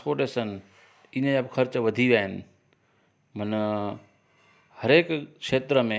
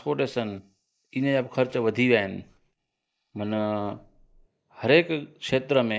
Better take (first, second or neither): first